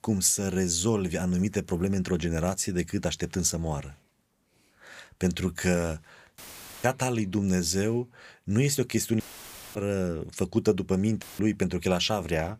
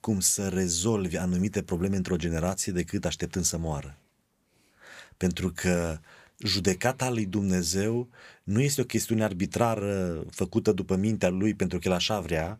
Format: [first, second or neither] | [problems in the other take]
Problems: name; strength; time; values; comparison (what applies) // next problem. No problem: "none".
second | audio cutting out; filled with static; at 6.5 s, at 9 s for 0.5 s and at 11 s